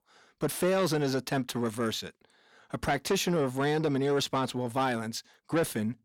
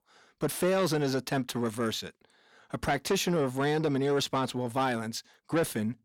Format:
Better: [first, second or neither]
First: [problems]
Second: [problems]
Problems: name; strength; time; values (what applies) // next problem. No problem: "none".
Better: neither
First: distortion; slight; 10 dB below the speech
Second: distortion; slight; 10 dB below the speech